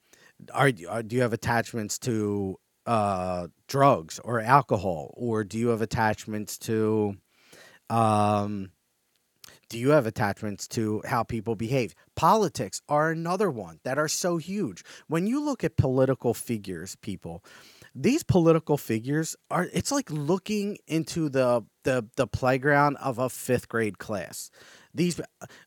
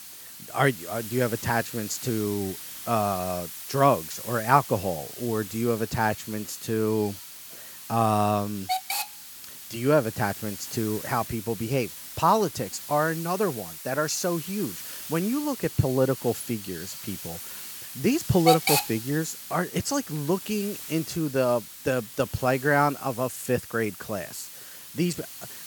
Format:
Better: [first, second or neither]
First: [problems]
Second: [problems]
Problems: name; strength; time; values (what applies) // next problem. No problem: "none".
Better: first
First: none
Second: hiss; loud; throughout; 8 dB below the speech